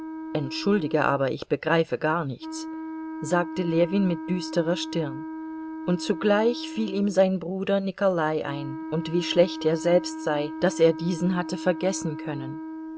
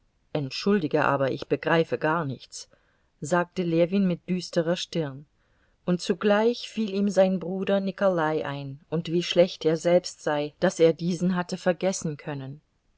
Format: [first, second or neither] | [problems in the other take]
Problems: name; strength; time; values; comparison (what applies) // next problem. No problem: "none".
second | background sound (Wind instrument, woodwind instrument); 10 dB below the speech